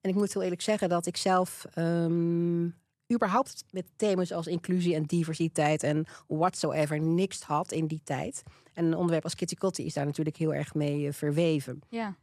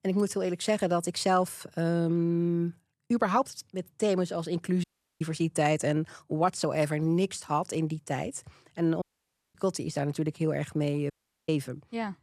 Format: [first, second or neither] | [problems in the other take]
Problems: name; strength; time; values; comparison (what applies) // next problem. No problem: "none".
first | audio cutting out; at 5 s, at 9 s for 0.5 s and at 11 s